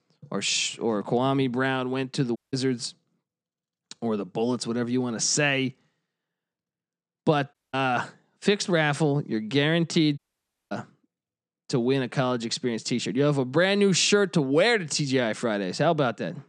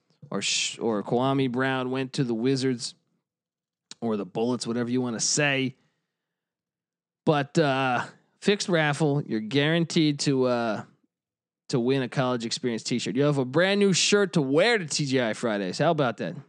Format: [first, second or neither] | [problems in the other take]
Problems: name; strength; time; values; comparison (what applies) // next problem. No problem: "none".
second | audio cutting out; at 2.5 s, at 7.5 s and at 10 s for 0.5 s